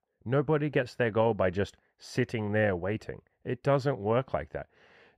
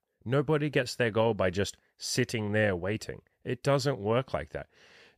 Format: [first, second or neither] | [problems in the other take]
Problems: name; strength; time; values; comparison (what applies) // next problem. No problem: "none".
second | muffled; slightly; fading above 3.5 kHz